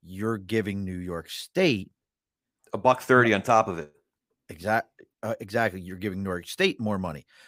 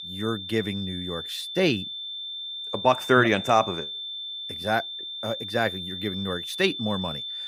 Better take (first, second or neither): first